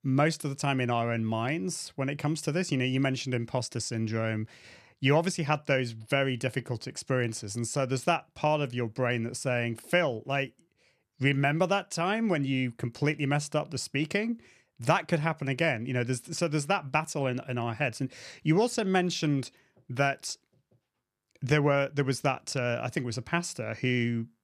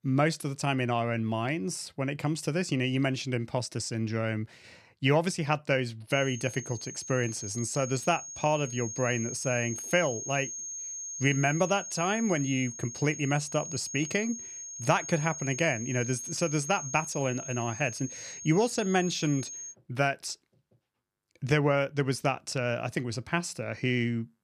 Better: first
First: none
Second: high-pitched whine; loud; from 6 to 20 s; 6.5 kHz, 8 dB below the speech

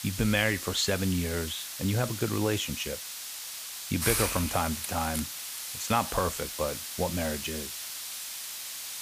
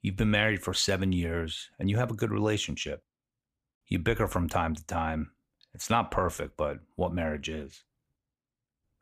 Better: second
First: hiss; loud; throughout; 4 dB below the speech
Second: none

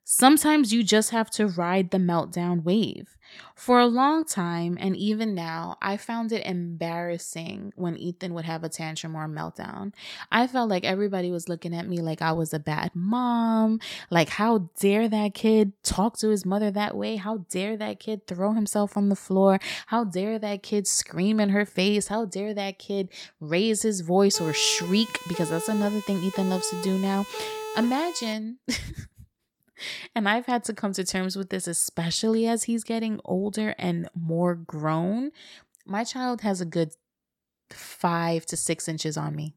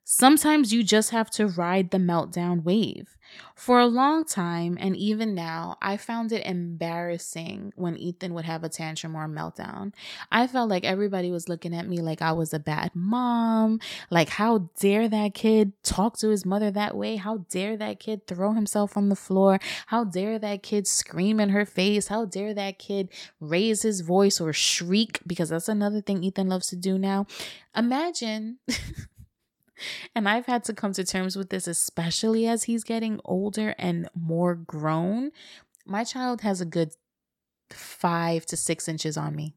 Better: second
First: siren; noticeable; from 24 to 28 s; peak 8 dB below the speech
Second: none

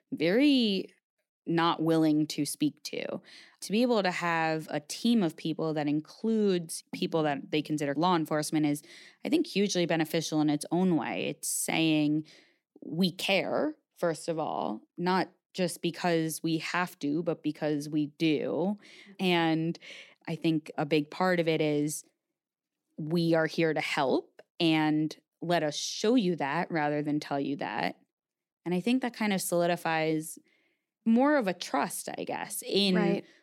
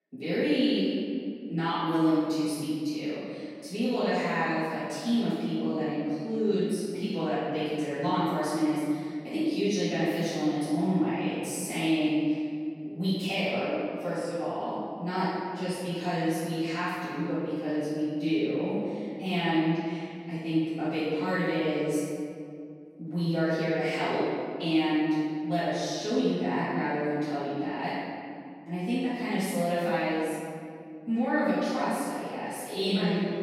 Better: first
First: none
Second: off-mic speech; far // room echo; strong; dies away in 2.1 s

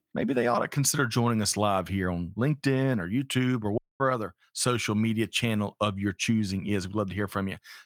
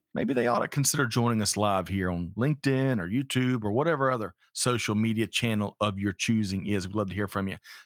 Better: second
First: audio cutting out; at 4 s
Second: none

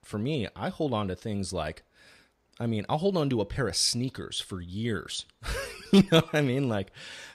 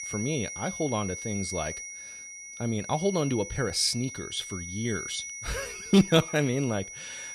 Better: first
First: none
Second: high-pitched whine; loud; throughout; 6 kHz, 9 dB below the speech

